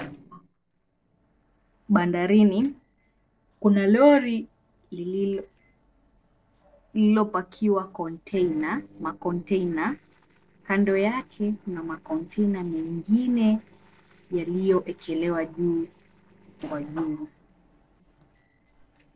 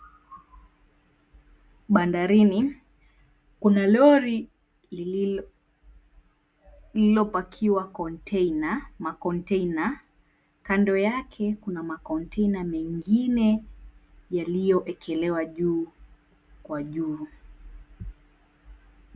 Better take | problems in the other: second | noise reduction (neural separator model SepFormer DNS4)

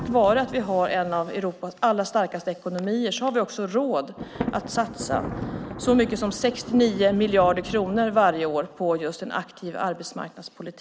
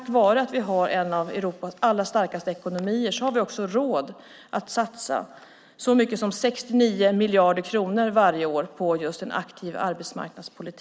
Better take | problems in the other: second | background sound (Thunder); 13 dB below the speech

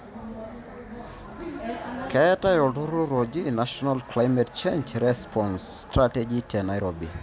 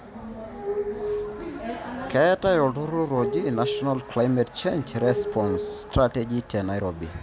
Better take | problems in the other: first | background sound (Glass); 7 dB below the speech

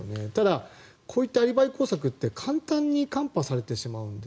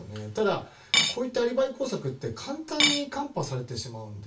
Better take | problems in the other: first | background sound (Cutlery, silverware / Dishes, pots, and pans); 4 dB above the speech // room echo; dies away in 0.2 s

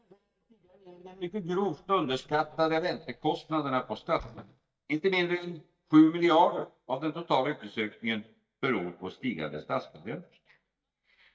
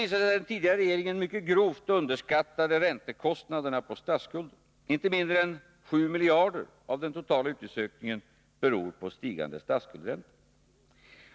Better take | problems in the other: second | noise reduction (neural mask model DeepFilterNet 3)

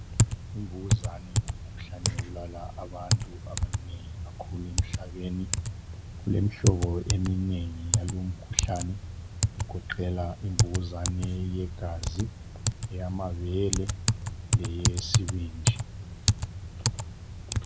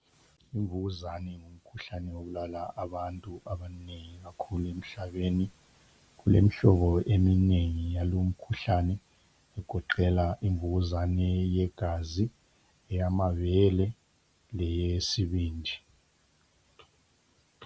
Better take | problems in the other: second | background sound (Typing); 3 dB above the speech

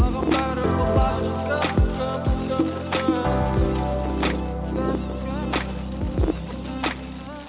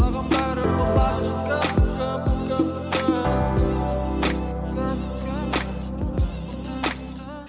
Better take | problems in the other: second | background sound (Wind); 13 dB below the speech

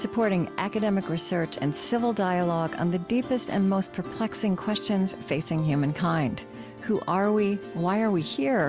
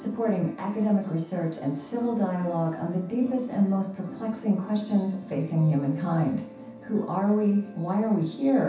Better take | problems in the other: first | room echo; dies away in 0.7 s

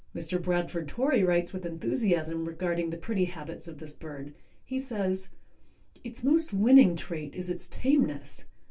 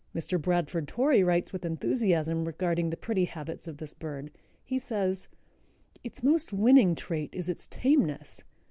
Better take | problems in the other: second | room echo; dies away in 0.2 s

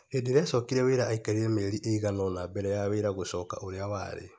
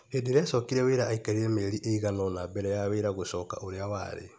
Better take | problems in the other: second | noise reduction (neural mask model Resemble Enhance denoiser)

